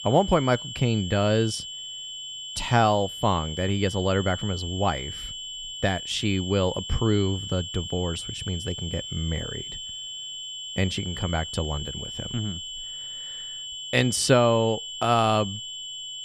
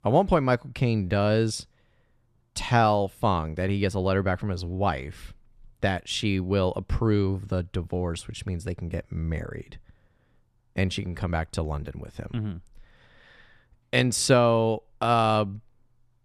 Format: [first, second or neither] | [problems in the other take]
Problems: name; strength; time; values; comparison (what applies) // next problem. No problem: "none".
second | high-pitched whine; loud; throughout; 3 kHz, 8 dB below the speech